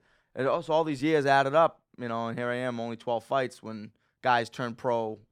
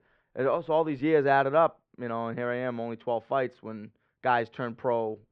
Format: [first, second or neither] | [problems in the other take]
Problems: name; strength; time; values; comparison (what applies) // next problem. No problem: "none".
first | muffled; slightly; fading above 3 kHz